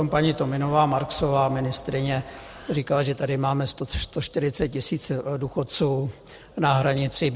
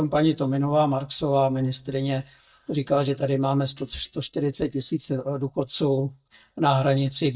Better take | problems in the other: first | noise reduction (neural mask model DeepFilterNet 3)

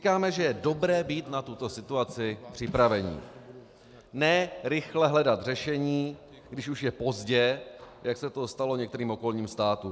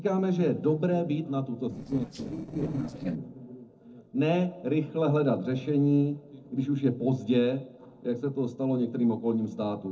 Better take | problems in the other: first | noise reduction (neural separator model SepFormer DNS4)

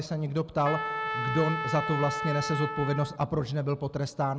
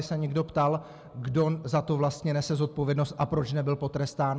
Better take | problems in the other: second | background sound (Trumpet); 4 dB below the speech

